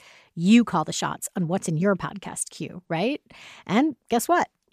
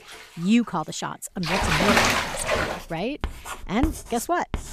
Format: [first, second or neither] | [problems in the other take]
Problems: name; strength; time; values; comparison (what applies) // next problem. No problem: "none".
first | household noises; very loud; throughout; 3 dB above the speech